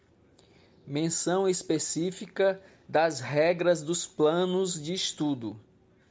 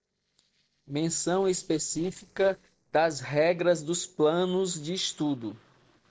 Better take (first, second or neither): first